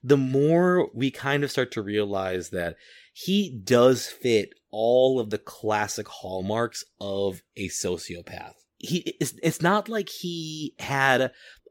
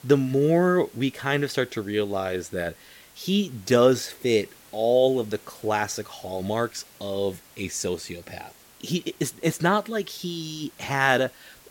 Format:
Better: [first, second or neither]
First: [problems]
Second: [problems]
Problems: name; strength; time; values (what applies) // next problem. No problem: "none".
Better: first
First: none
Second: hiss; faint; throughout; 25 dB below the speech